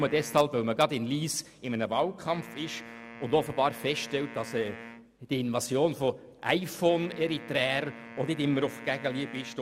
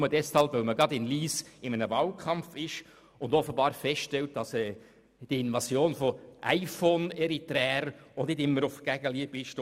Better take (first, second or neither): second